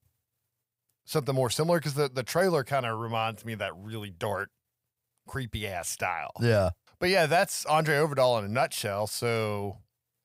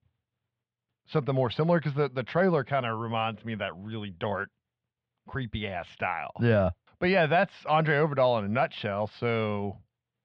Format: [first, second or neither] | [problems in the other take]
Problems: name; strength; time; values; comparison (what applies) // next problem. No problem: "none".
first | muffled; very; fading above 3.5 kHz